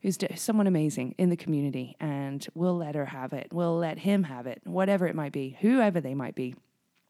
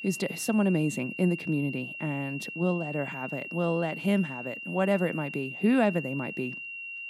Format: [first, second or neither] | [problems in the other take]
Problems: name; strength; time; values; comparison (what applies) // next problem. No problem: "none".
first | high-pitched whine; loud; throughout; 3 kHz, 8 dB below the speech